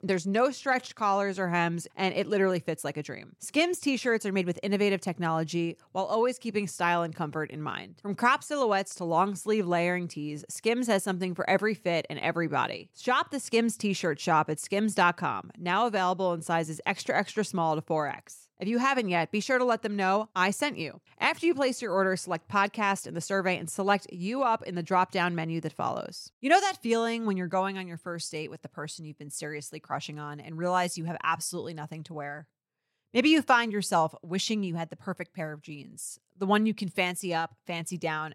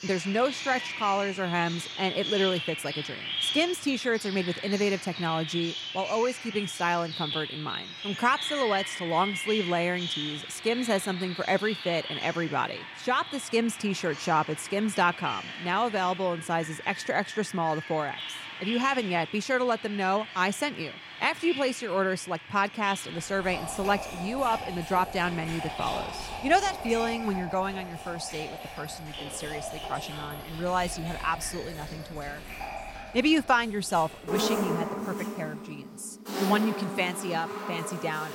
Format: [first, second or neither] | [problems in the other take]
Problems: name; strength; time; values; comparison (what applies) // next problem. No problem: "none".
first | animal sounds; loud; throughout; 7 dB below the speech